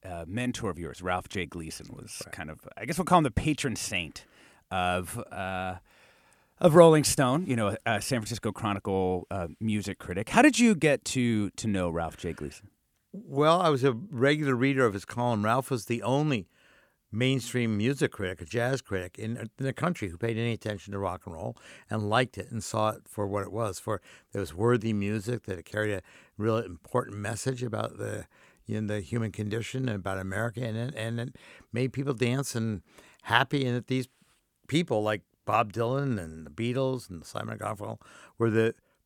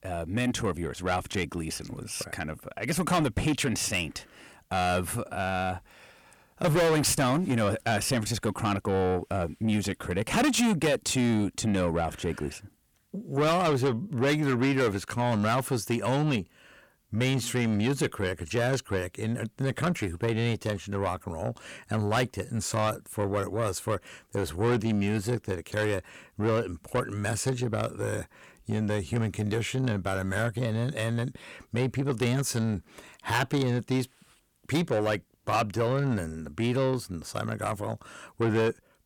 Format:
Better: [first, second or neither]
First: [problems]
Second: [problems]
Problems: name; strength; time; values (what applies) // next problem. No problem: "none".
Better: first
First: none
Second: distortion; heavy; 6 dB below the speech